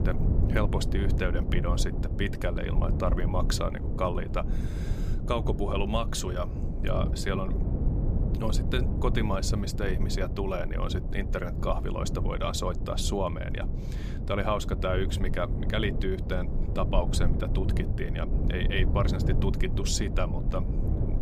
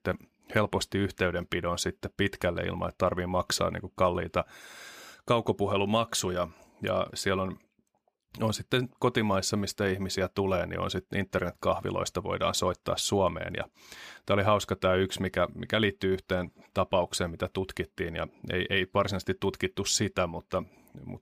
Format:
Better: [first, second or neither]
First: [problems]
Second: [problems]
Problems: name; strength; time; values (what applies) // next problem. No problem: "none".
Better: second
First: low rumble; loud; throughout; 8 dB below the speech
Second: none